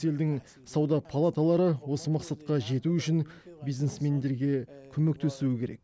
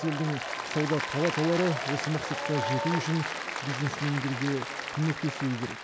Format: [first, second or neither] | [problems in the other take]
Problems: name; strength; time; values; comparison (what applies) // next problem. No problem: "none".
first | background sound (Applause); 4 dB below the speech